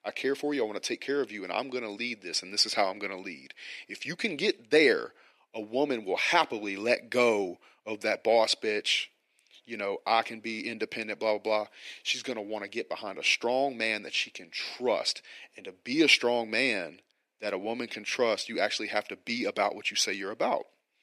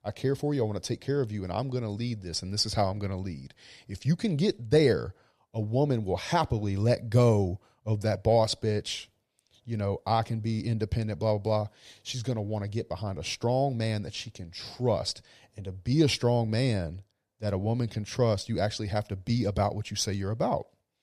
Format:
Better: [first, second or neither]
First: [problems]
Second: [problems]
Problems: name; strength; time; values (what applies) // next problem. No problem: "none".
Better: second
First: thin; somewhat; fading below 300 Hz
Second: none